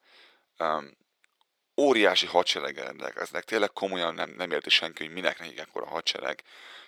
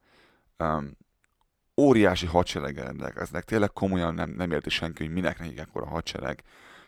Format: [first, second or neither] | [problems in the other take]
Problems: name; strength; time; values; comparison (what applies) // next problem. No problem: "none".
second | thin; somewhat; fading below 450 Hz